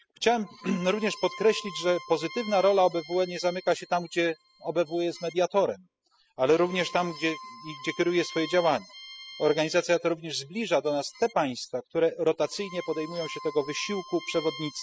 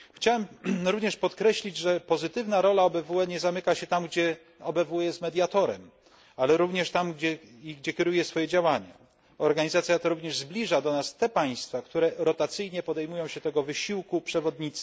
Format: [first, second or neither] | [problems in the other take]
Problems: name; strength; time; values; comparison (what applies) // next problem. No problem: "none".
second | noise reduction (classical method spectral subtraction)